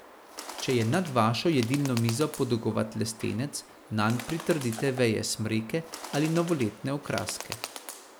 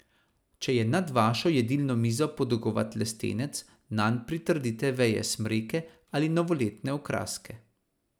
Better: second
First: background sound (Bird); 14 dB below the speech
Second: none

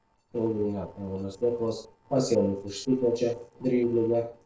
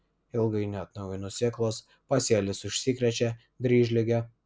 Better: second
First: noise reduction (neural separator model SepFormer DNS4)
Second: none

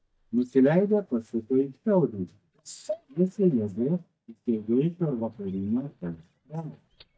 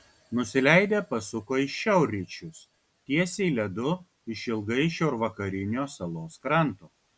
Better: second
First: noise reduction (neural mask model DeepFilterNet 3)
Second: none

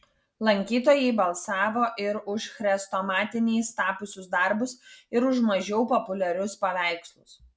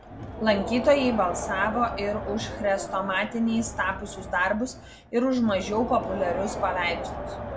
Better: first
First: none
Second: background sound (Crowd); 8 dB below the speech

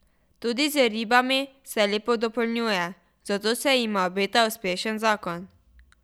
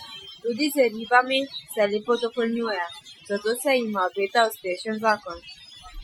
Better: first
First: none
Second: noise reduction (classical method Wiener filter)

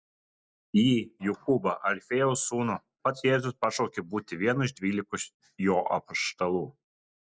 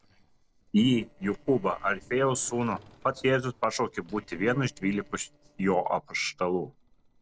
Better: first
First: none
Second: noise reduction (neural separator model SepFormer DNS4)

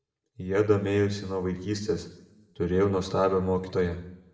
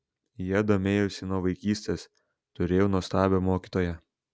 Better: second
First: room echo; dies away in 0.8 s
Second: none

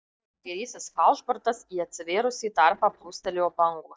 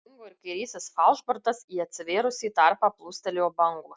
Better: second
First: noise reduction (neural mask model DeepFilterNet 3)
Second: none

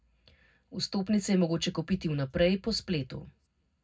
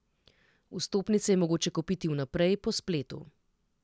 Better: second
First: room echo; dies away in 0.3 s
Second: none

